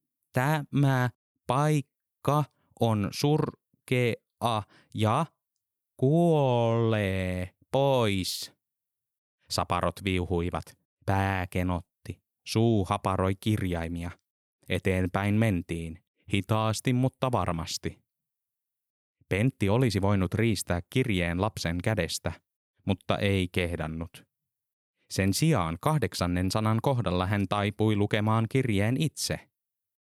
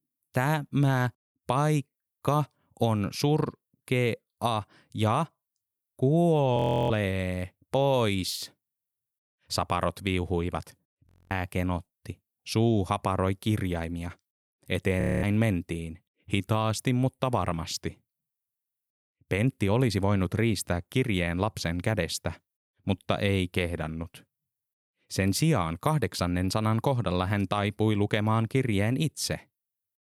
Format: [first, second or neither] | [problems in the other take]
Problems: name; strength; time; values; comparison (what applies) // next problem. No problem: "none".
first | audio freezing; at 6.5 s, at 11 s and at 15 s